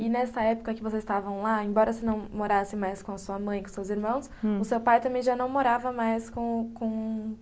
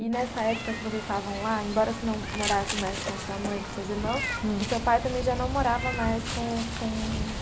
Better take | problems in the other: first | background sound (Meow); 4 dB below the speech

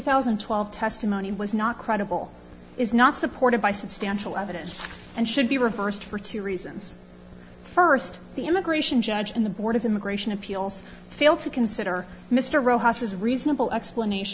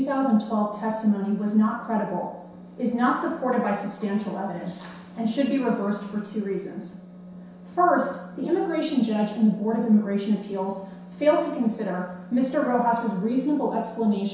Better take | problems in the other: first | room echo; dies away in 0.7 s

